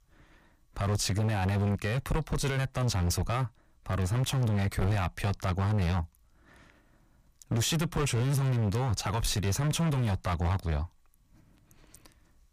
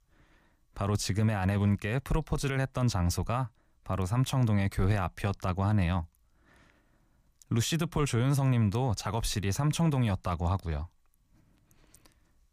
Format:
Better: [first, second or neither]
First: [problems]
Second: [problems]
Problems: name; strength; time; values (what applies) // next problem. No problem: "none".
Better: second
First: distortion; heavy; 17% of the sound clipped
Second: none